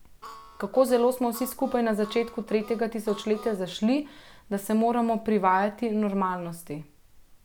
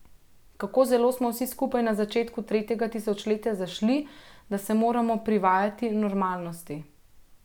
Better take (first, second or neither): second